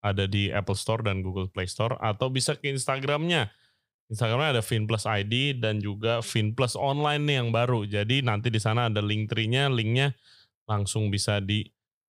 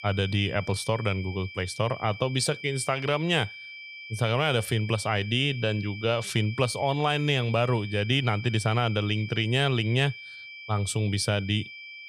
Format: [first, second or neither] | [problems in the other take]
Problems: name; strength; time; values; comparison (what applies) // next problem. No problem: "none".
first | high-pitched whine; noticeable; throughout; 2.5 kHz, 15 dB below the speech